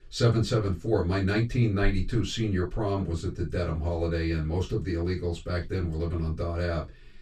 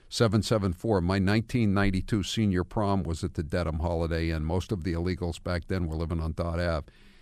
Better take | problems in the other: second | room echo; very slight; dies away in 0.1 s // off-mic speech; far

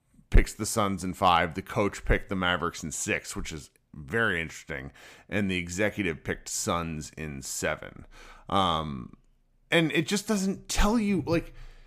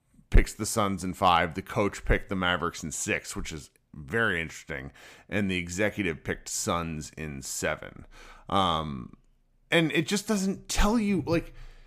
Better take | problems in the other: neither | none

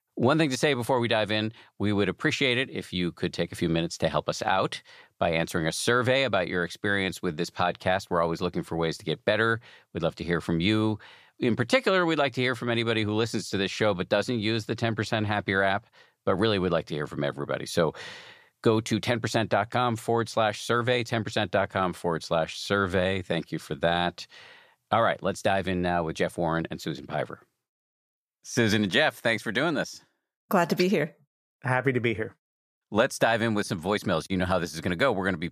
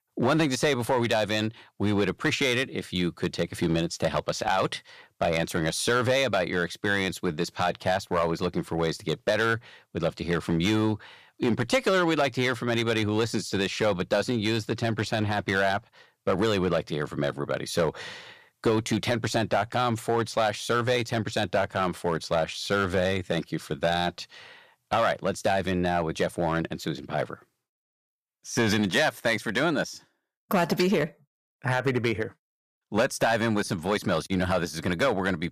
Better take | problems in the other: first | distortion; slight; 4% of the sound clipped

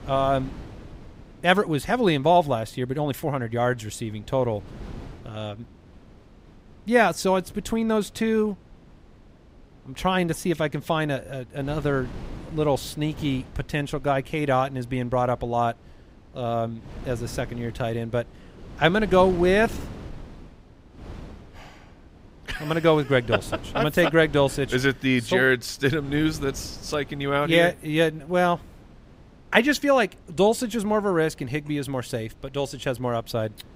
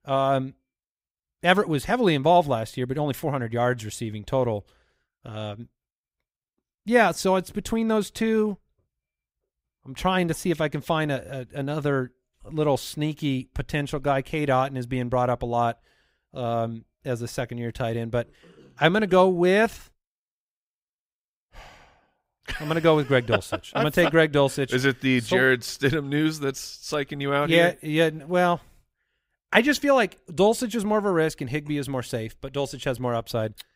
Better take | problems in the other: second | wind noise on the microphone; occasional gusts; 25 dB below the speech

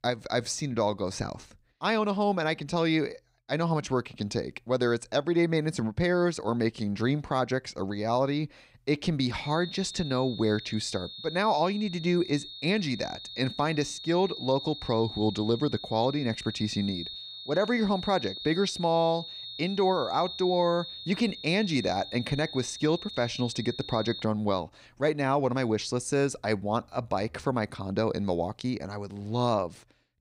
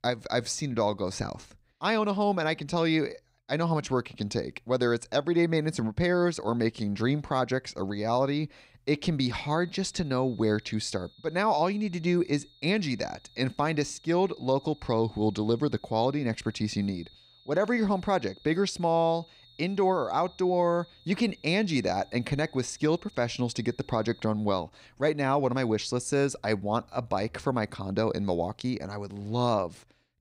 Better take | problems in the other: second | high-pitched whine; loud; from 9.5 to 24 s; 3.5 kHz, 10 dB below the speech; faint in the second

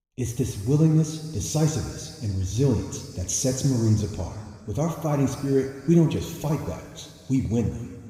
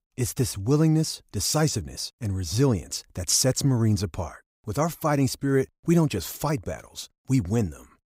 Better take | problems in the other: second | room echo; noticeable; dies away in 1.9 s // off-mic speech; somewhat distant

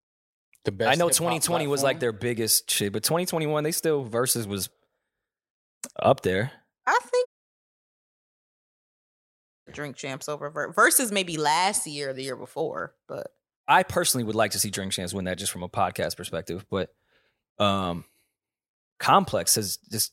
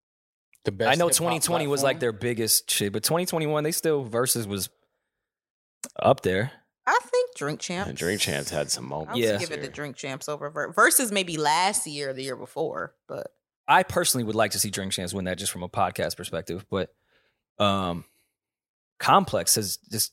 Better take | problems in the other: second | audio cutting out; at 7.5 s for 2.5 s

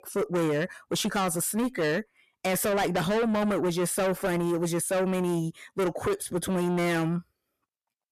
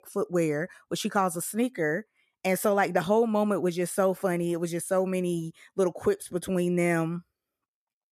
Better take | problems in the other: second | distortion; heavy; 6 dB below the speech

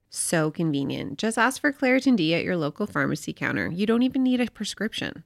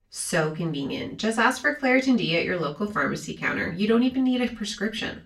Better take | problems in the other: first | room echo; very slight; dies away in 0.3 s // off-mic speech; far

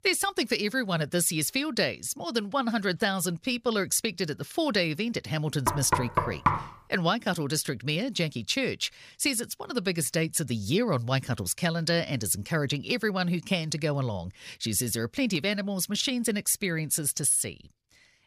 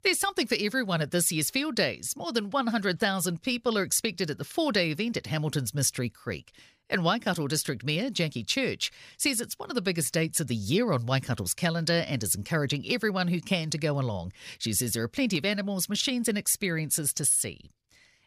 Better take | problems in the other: second | door banging; loud; at 5.5 s; peak 1 dB above the speech

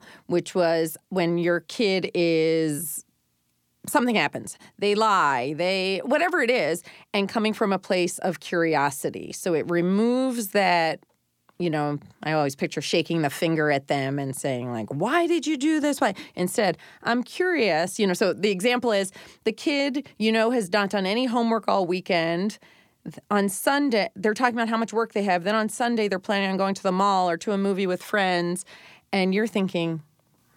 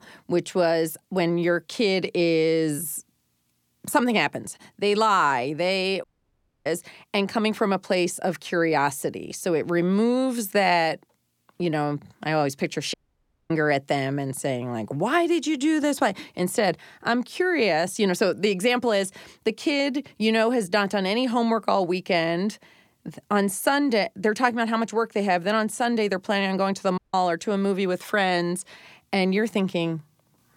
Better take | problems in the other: first | audio cutting out; at 6 s for 0.5 s, at 13 s for 0.5 s and at 27 s

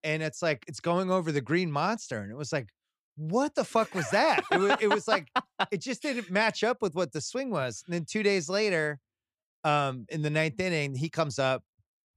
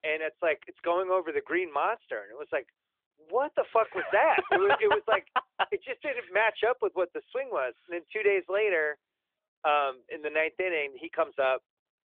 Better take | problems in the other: first | phone-call audio

